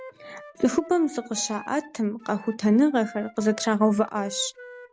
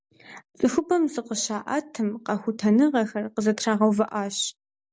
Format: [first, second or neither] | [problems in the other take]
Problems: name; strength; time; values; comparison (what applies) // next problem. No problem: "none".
second | background sound (Wind instrument, woodwind instrument); 19 dB below the speech